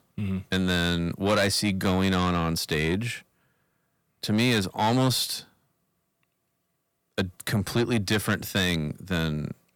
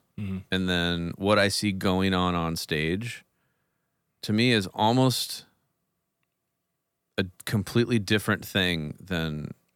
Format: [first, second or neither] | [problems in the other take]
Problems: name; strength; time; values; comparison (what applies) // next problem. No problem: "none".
second | distortion; slight; 10 dB below the speech